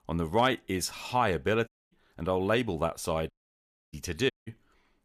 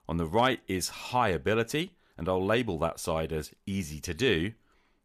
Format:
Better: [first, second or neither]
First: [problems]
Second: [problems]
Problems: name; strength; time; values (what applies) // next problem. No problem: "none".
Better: second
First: audio cutting out; at 1.5 s, at 3.5 s for 0.5 s and at 4.5 s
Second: none